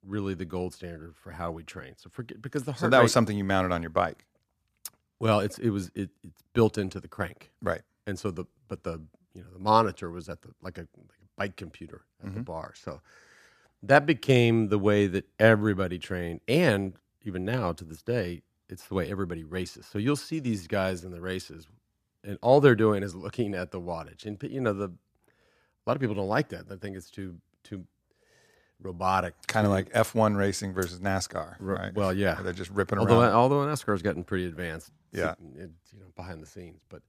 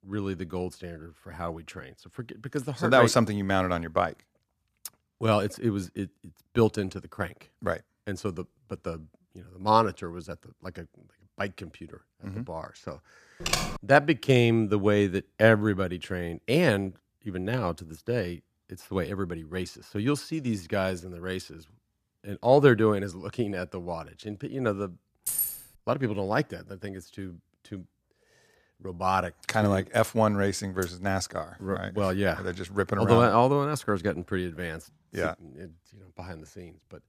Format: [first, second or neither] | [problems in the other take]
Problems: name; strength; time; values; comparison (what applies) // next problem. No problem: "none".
first | keyboard typing; noticeable; at 13 s; peak 1 dB below the speech // jangling keys; noticeable; at 25 s; peak level with the speech